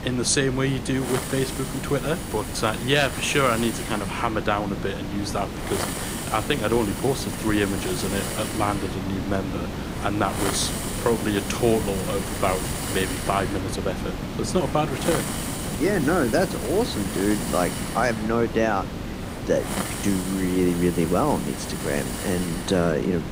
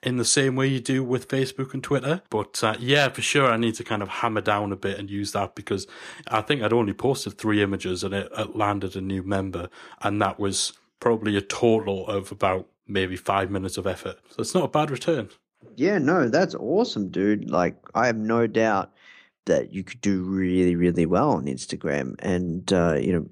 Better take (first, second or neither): second